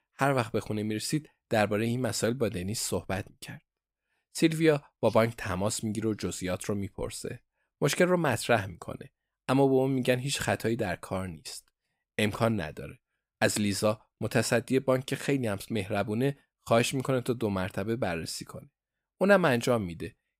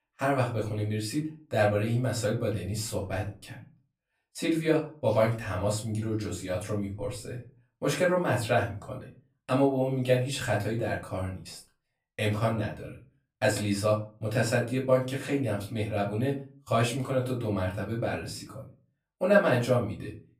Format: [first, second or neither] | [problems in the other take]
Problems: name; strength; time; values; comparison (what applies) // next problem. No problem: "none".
first | off-mic speech; far // room echo; slight; dies away in 0.3 s